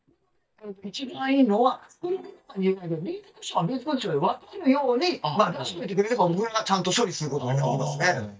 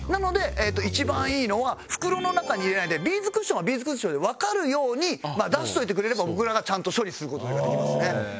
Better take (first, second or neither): second